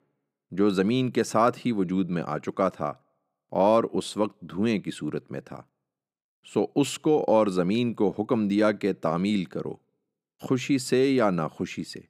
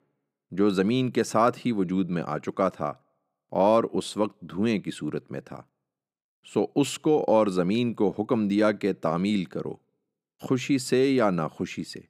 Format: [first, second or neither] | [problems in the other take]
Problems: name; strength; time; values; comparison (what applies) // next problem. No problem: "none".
neither | none